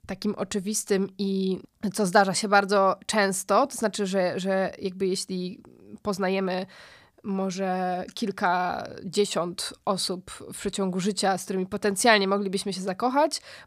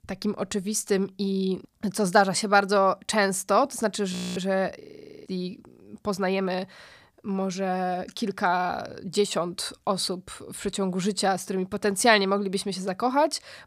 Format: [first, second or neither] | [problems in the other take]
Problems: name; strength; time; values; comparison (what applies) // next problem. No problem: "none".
first | audio freezing; at 4 s and at 5 s